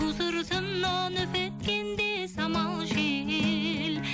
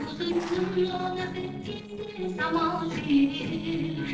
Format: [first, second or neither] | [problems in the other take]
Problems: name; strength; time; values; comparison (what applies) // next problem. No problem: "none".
first | noise reduction (neural separator model SepFormer DNS4)